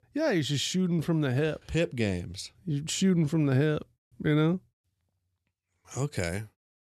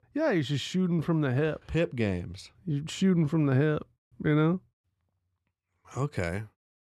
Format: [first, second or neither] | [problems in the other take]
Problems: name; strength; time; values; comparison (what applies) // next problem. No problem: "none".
first | muffled; slightly; fading above 3.5 kHz